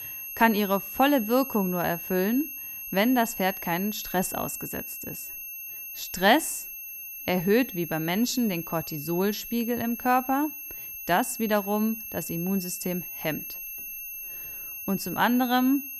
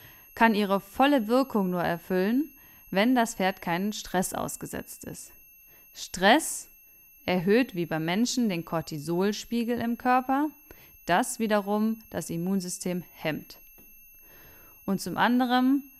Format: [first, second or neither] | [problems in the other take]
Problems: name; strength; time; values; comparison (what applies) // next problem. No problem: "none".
second | high-pitched whine; loud; throughout; 11.5 kHz, 8 dB below the speech; faint in the second